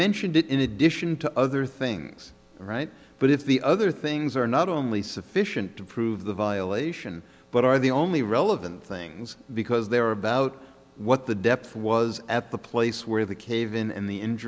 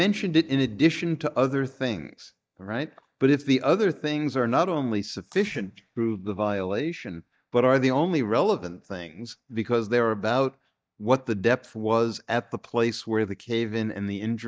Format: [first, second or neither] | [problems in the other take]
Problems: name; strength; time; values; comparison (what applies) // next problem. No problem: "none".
first | noise reduction (neural mask model DeepFilterNet 3)